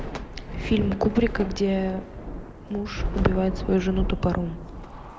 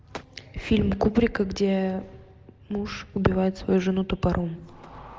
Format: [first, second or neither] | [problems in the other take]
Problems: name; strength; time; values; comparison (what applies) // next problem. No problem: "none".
second | background sound (Thunder / Rain); 6 dB below the speech